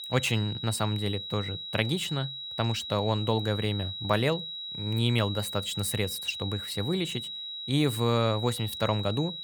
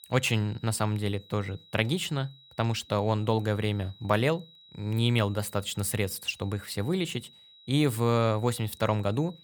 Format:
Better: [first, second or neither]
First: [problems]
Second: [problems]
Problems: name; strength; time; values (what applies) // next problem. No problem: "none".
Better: second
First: high-pitched whine; loud; throughout; 4 kHz, 6 dB below the speech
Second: high-pitched whine; faint; throughout; 4 kHz, 25 dB below the speech